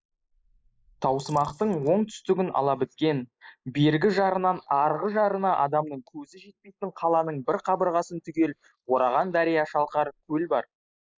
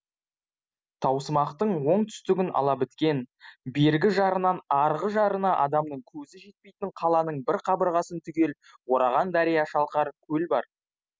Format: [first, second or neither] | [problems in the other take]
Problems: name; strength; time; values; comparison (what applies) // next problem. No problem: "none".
second | noise reduction (neural mask model Resemble Enhance denoiser)